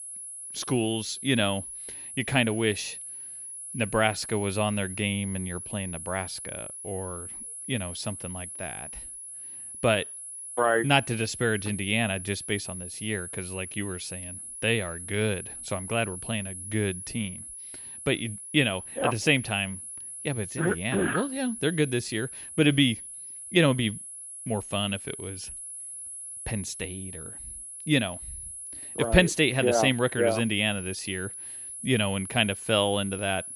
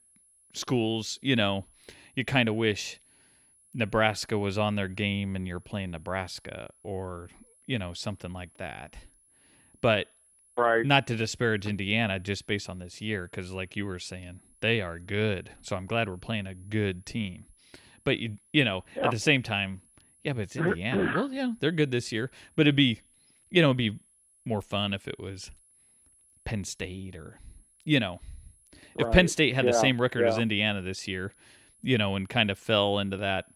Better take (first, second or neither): second